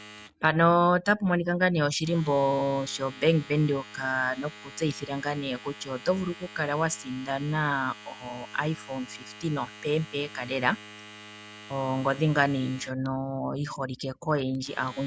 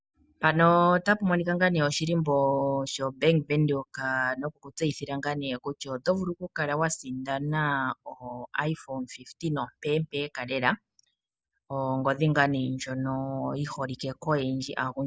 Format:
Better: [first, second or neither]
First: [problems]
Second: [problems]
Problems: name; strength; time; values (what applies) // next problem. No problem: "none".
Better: second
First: background sound (Domestic sounds, home sounds); 19 dB below the speech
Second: none